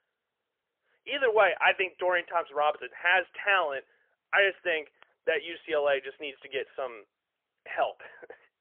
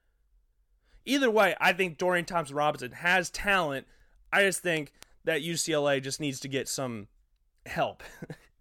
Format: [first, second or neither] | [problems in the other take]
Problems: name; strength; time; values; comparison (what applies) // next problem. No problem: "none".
second | phone-call audio; poor line; nothing above 3 kHz